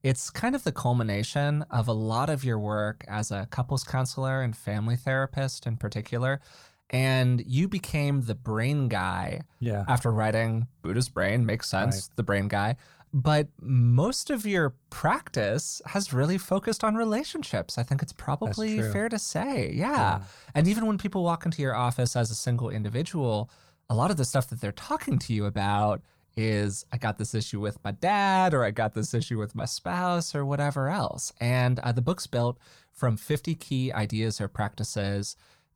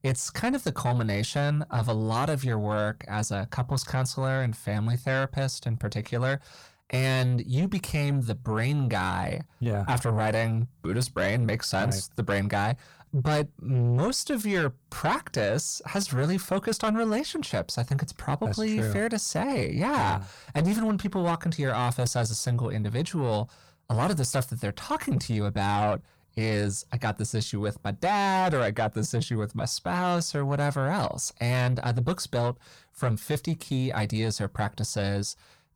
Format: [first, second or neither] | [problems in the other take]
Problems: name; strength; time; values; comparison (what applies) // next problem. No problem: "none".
first | distortion; slight; 10 dB below the speech